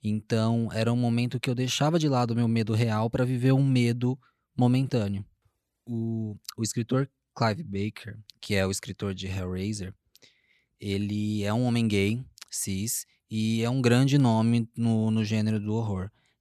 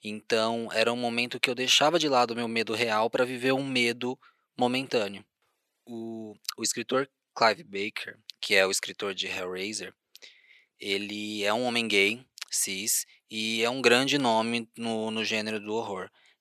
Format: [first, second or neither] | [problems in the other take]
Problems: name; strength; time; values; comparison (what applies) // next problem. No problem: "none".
first | thin; somewhat; fading below 450 Hz